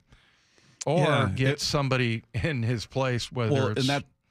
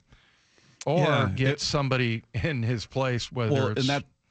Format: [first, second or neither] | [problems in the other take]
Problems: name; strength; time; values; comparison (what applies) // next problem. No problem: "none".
first | garbled, watery; slightly; nothing above 7.5 kHz